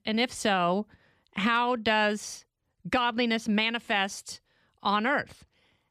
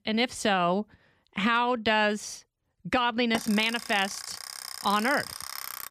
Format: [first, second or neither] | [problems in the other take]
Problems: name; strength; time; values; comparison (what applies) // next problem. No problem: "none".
first | alarm; noticeable; from 3.5 s on; peak 9 dB below the speech